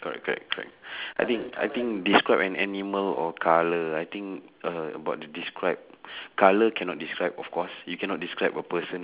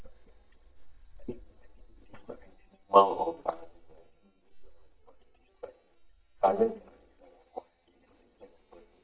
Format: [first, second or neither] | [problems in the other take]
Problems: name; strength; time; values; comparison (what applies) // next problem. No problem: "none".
first | noise reduction (neural mask model DeepFilterNet 3)